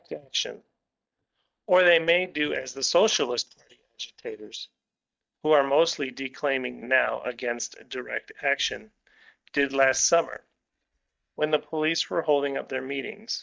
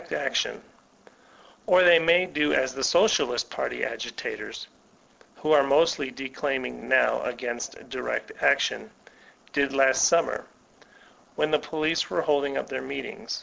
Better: second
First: noise reduction (neural mask model DeepFilterNet 3)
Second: none

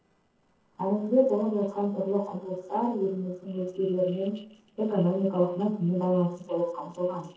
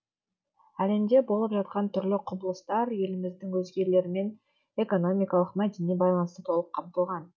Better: second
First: noise reduction (neural separator model SepFormer DNS4)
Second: none

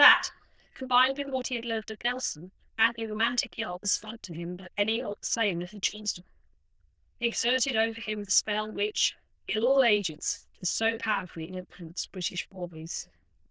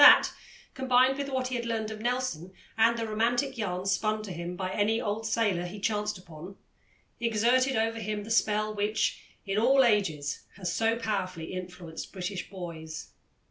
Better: second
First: noise reduction (neural diffusion model UNIVERSE++)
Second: none

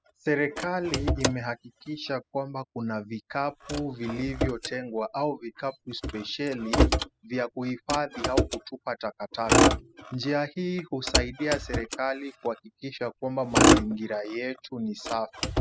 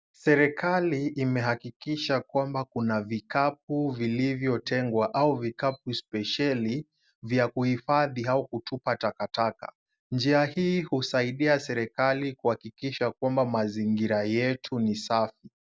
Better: second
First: noise reduction (classical method spectral subtraction)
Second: none

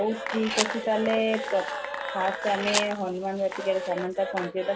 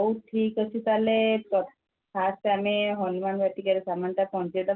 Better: second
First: background sound (Fire + Applause / Cheering / Clapping); 4 dB below the speech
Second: none

